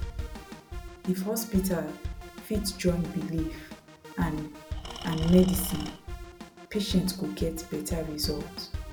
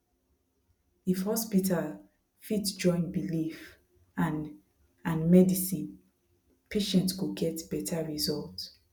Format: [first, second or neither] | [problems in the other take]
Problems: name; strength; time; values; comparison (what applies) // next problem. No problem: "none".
second | background sound (Drum kit + Engine / Tools); 7 dB below the speech